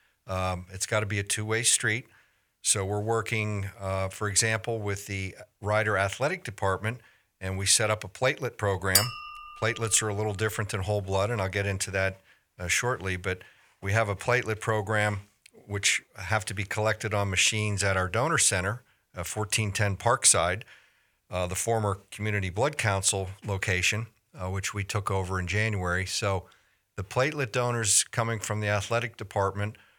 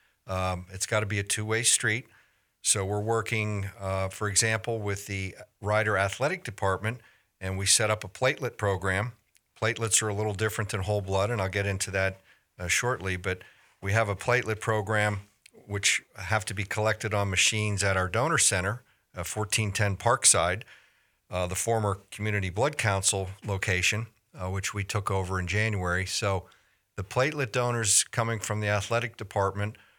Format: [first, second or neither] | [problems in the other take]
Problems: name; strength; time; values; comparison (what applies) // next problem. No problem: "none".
second | clattering dishes; loud; at 9 s; peak 3 dB above the speech